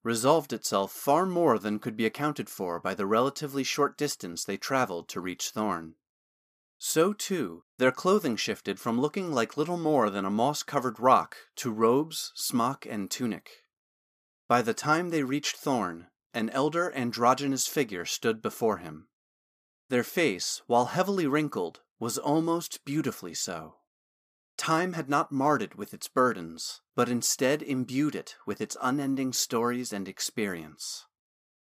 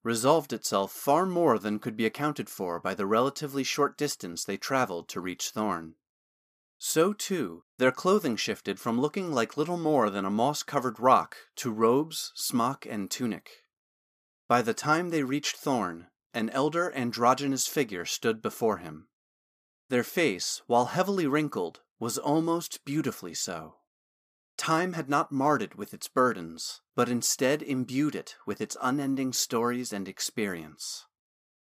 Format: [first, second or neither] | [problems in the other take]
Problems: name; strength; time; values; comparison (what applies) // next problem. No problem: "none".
neither | none